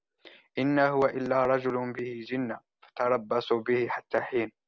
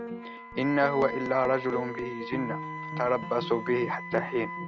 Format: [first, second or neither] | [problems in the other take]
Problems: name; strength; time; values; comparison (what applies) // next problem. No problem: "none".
first | background sound (Wind instrument, woodwind instrument + Piano); 7 dB below the speech